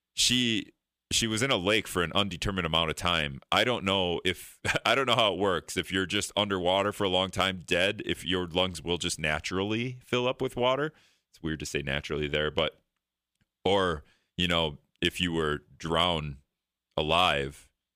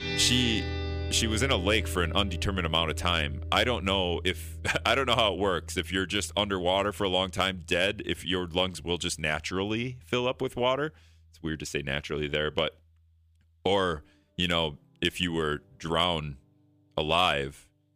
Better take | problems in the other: first | background music; loud; throughout; 9 dB below the speech

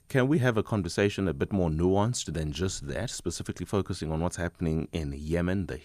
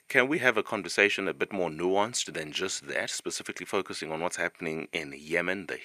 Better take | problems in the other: first | thin; somewhat; fading below 400 Hz

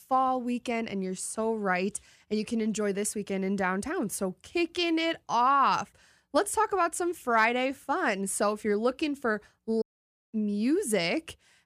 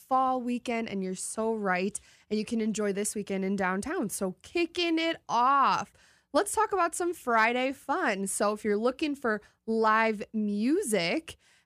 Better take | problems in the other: second | audio cutting out; at 10 s for 0.5 s

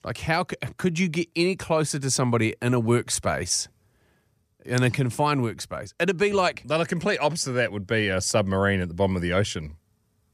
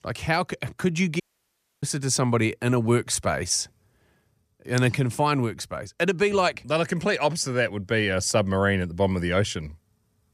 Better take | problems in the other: first | audio cutting out; at 1 s for 0.5 s

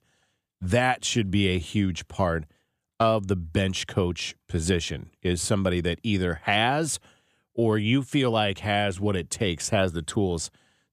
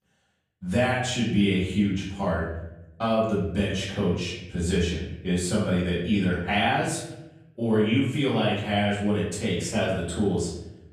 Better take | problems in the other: first | room echo; noticeable; dies away in 0.8 s // off-mic speech; far

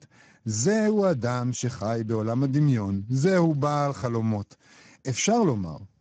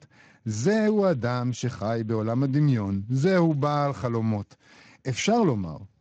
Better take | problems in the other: second | garbled, watery; badly; slightly in the second

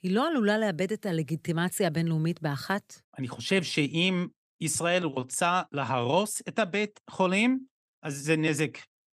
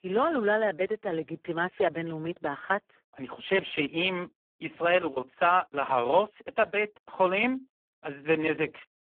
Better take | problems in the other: first | phone-call audio; poor line

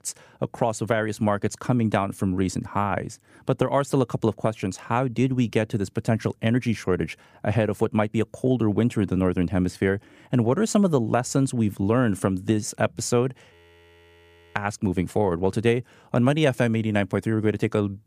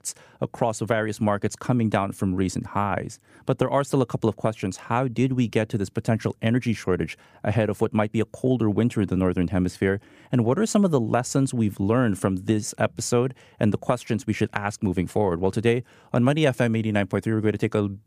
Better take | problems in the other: second | audio freezing; at 14 s for 1 s

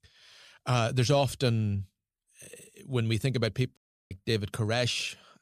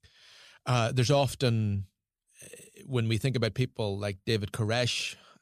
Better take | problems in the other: second | audio cutting out; at 4 s

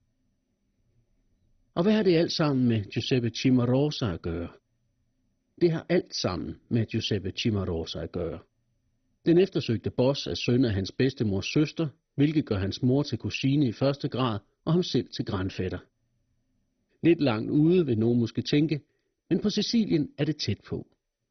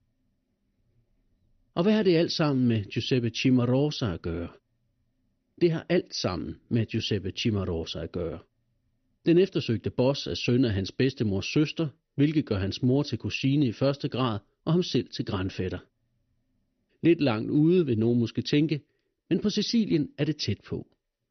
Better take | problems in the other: second | garbled, watery; badly; nothing above 6 kHz; slightly in the second

